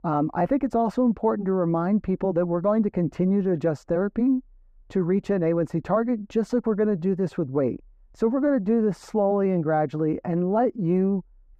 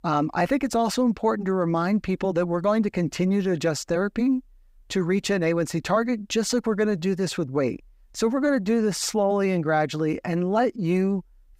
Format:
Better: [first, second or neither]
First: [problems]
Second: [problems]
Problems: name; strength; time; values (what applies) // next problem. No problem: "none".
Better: second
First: muffled; very; fading above 2 kHz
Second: none